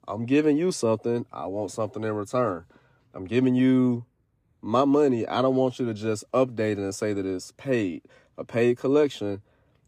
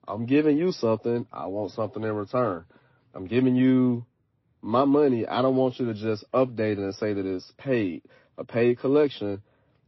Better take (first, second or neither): first